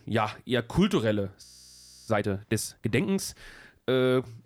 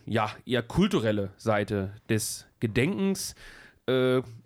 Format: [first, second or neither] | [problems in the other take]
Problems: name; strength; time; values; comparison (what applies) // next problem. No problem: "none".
second | audio freezing; at 1.5 s for 0.5 s